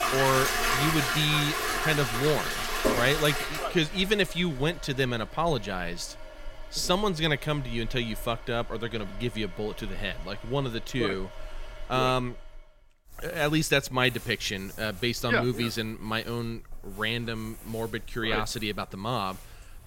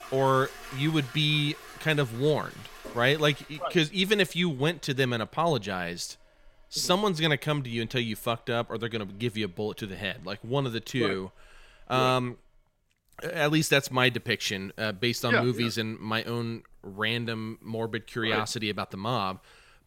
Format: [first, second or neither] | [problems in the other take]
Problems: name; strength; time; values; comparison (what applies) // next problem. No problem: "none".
second | household noises; loud; throughout; 2 dB below the speech; faint in the second